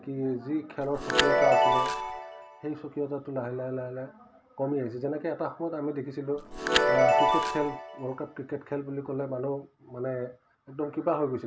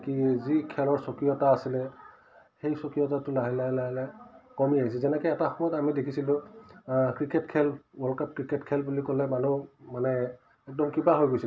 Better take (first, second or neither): second